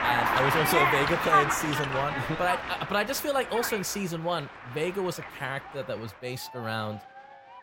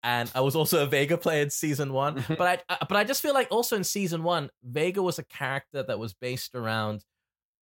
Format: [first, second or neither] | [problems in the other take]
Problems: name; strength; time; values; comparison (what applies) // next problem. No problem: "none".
second | crowd noise; very loud; throughout; 3 dB above the speech